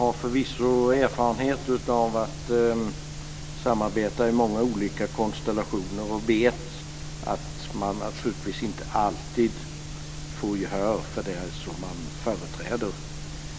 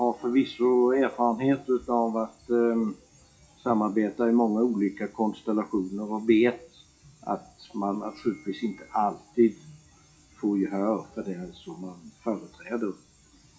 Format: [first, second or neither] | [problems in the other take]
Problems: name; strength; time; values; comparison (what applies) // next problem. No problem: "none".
first | noise reduction (classical method WPE with log-MMSE)